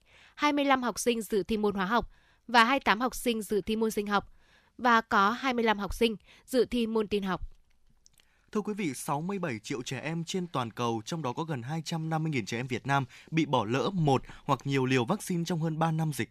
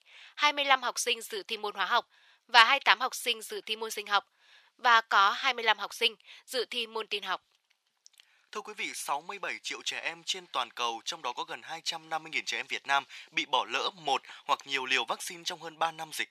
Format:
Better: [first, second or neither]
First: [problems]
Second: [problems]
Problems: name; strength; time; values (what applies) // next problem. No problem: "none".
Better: first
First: none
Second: thin; very; fading below 750 Hz